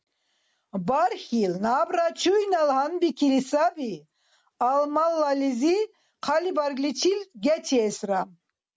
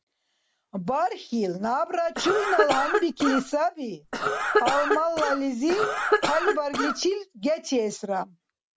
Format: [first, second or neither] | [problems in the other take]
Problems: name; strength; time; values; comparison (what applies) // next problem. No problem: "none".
first | background sound (Cough); 1 dB above the speech